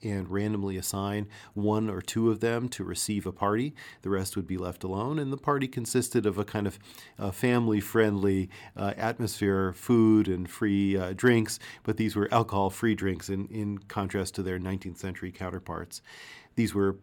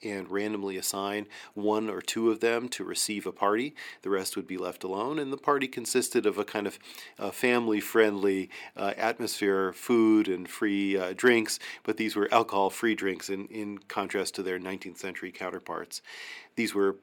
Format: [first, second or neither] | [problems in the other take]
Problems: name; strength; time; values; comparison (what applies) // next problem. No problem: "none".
first | thin; somewhat; fading below 350 Hz